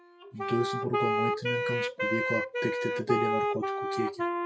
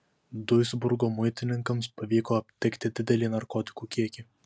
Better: second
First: noise reduction (classical method WPE with log-MMSE)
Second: none

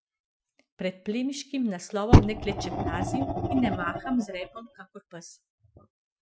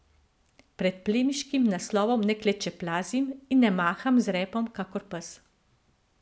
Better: second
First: noise reduction (classical method Wiener filter)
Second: none

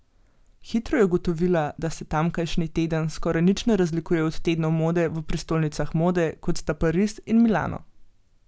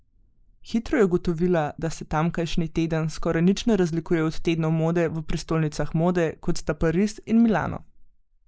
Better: first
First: none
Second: noise reduction (neural mask model Resemble Enhance denoiser)

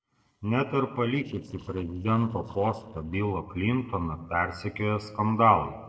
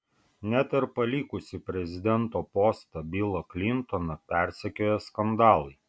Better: second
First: noise reduction (neural separator model SepFormer DNS4)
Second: none

